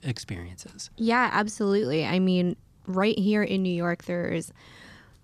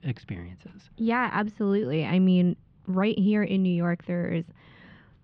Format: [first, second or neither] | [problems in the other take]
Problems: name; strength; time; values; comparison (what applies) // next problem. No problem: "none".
first | muffled; slightly; fading above 3 kHz